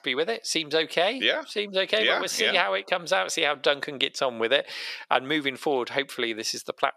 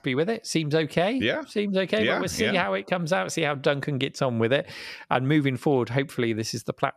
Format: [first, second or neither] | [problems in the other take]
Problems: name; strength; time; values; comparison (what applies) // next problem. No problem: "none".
second | thin; somewhat; fading below 450 Hz